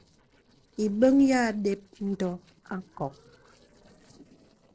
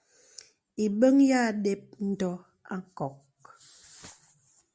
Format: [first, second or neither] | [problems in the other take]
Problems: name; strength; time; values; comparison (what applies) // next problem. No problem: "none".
second | noise reduction (neural separator model SepFormer DNS4)